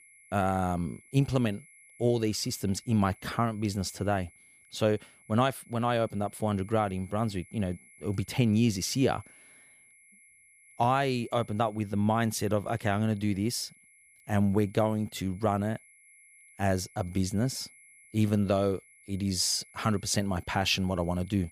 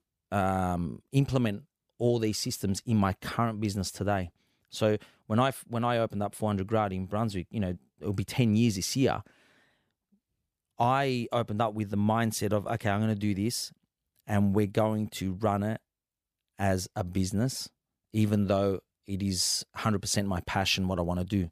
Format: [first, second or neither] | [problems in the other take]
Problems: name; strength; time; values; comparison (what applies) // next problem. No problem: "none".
second | high-pitched whine; faint; throughout; 2 kHz, 25 dB below the speech